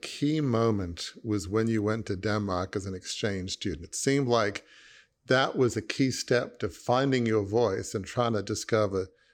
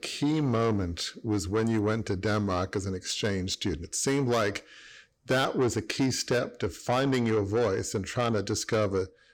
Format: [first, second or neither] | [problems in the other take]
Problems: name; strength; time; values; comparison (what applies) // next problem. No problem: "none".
first | distortion; slight; 10 dB below the speech